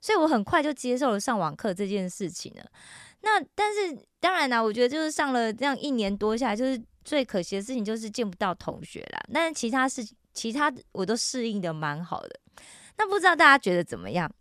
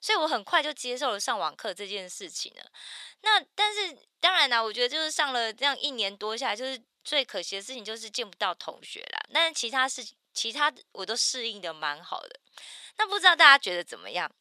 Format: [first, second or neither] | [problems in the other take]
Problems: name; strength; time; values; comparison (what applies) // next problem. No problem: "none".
first | thin; very; fading below 600 Hz